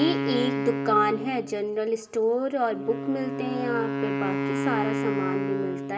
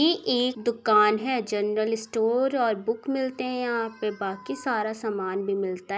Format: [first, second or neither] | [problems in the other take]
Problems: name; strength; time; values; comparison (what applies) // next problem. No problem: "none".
second | background sound (Wind instrument, woodwind instrument); 2 dB below the speech // room echo; dies away in 1.9 s